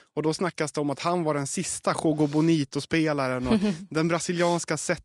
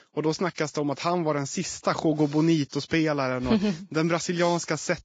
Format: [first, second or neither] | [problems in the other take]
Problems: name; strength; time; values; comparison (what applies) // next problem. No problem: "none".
first | garbled, watery; badly; nothing above 7.5 kHz; slightly in the first